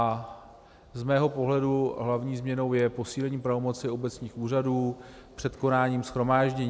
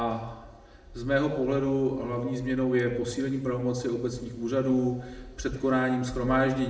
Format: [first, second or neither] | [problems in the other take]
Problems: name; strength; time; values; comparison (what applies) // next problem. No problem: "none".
first | room echo; dies away in 0.8 s